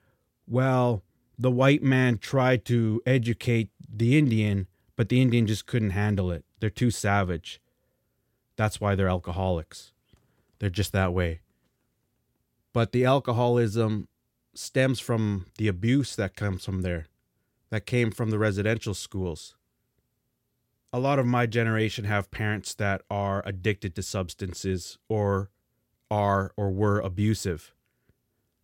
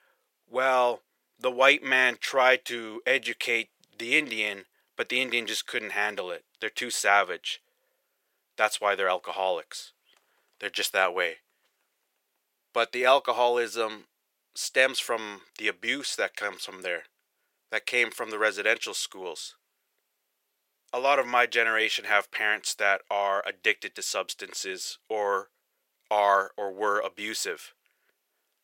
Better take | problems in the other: first | thin; very; fading below 550 Hz

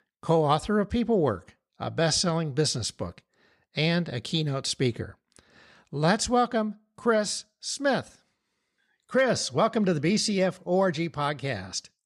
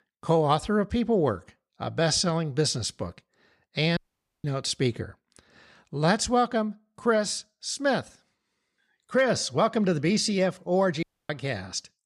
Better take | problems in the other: first | audio cutting out; at 4 s and at 11 s

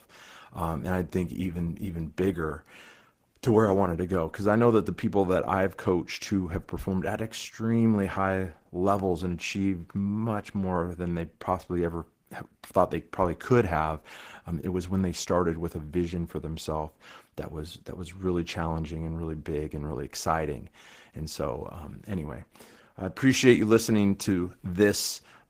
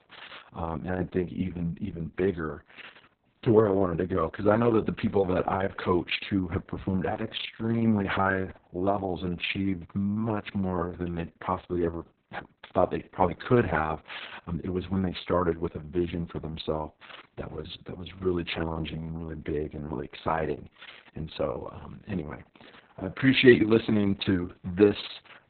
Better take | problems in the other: first | garbled, watery; badly; nothing above 4 kHz; slightly in the first

